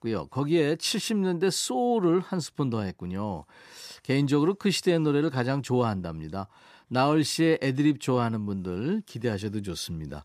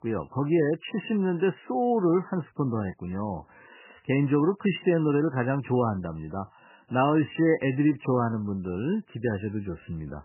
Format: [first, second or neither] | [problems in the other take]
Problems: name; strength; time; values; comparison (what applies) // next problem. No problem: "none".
first | garbled, watery; badly; nothing above 3 kHz